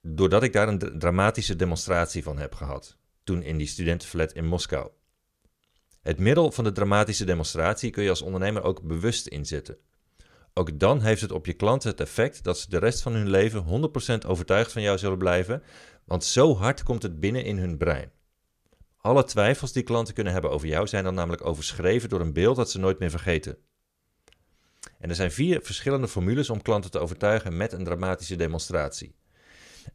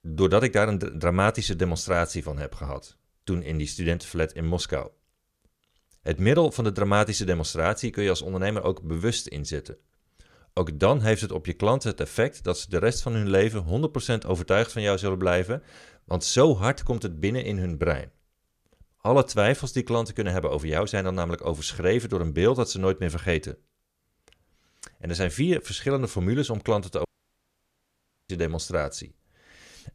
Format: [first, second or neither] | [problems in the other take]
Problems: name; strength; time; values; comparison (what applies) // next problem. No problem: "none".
first | audio cutting out; at 27 s for 1 s